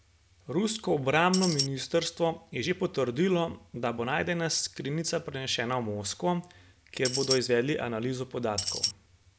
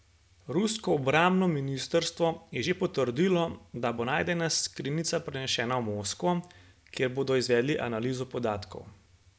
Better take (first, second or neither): second